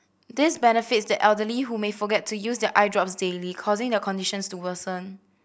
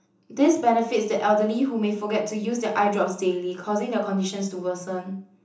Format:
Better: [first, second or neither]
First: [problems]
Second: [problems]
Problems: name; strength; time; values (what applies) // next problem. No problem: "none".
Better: first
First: none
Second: room echo; dies away in 0.7 s